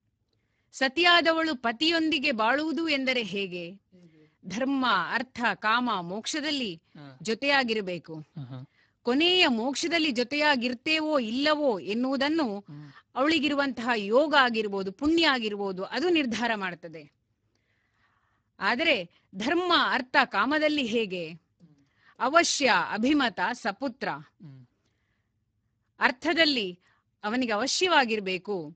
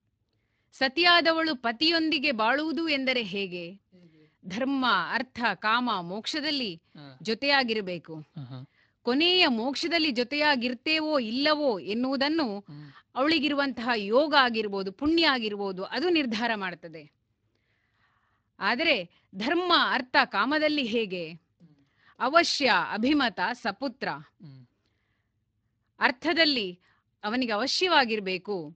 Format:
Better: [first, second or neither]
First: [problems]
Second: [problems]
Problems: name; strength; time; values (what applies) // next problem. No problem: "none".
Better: second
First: garbled, watery; badly; nothing above 7.5 kHz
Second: garbled, watery; slightly; nothing above 7.5 kHz